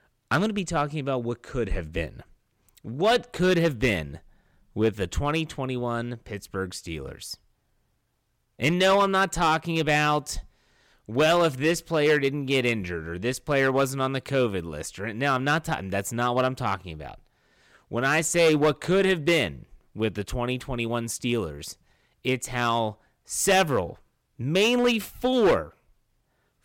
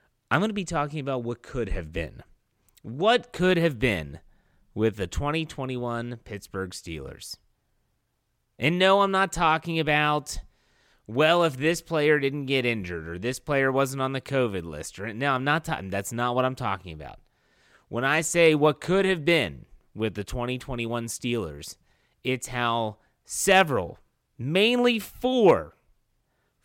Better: second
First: distortion; slight; 3% of the sound clipped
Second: none

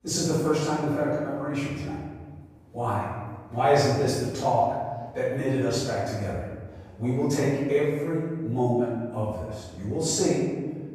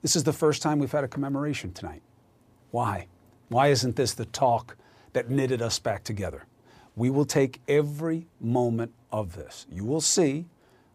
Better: second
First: off-mic speech; far // room echo; strong; dies away in 1.4 s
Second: none

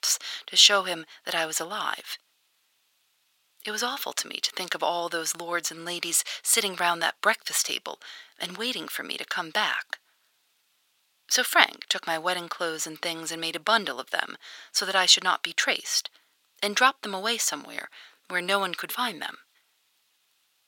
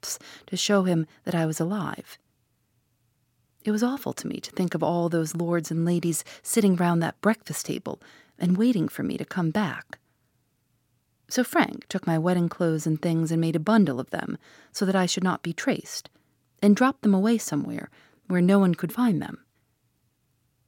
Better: second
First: thin; very; fading below 900 Hz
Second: none

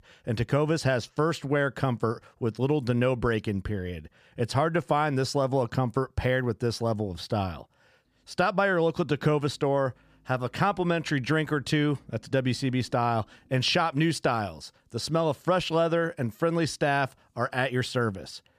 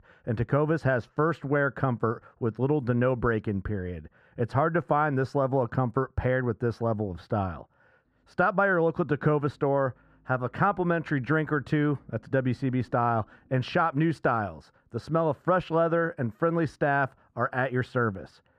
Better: first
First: none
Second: muffled; very; fading above 2.5 kHz

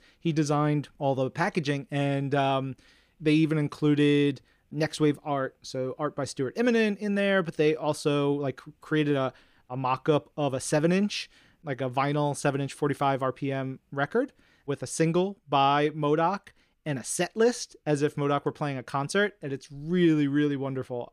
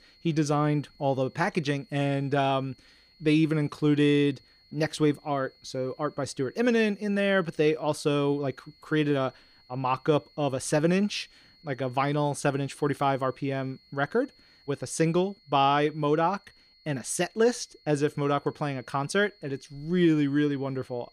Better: first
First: none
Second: high-pitched whine; faint; throughout; 4.5 kHz, 30 dB below the speech

